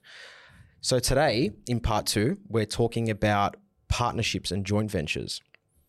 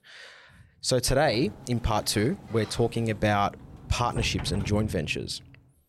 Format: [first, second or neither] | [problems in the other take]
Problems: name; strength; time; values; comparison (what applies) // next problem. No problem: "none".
first | door banging; noticeable; from 1 s on; peak 7 dB below the speech